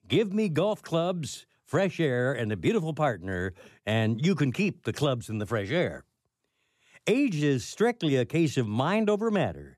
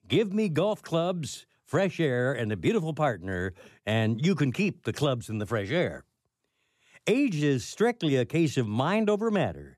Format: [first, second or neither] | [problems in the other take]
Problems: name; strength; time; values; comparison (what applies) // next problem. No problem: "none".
neither | none